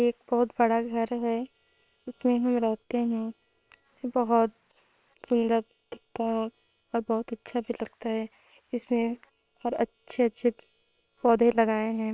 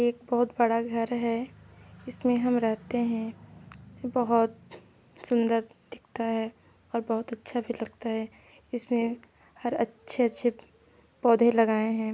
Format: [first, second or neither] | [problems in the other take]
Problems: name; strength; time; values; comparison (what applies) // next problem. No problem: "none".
second | noise reduction (neural separator model SepFormer WHAM!)